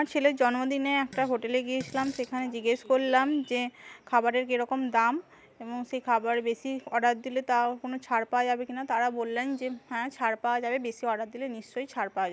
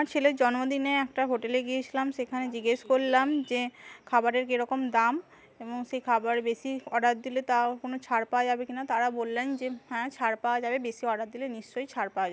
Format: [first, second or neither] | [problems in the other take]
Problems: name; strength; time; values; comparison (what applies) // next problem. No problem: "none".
second | background sound (Fart); 20 dB below the speech